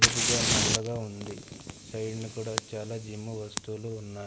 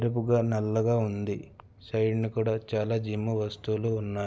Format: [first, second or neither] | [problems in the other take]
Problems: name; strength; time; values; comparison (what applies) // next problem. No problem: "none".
second | background sound (Fire); 5 dB above the speech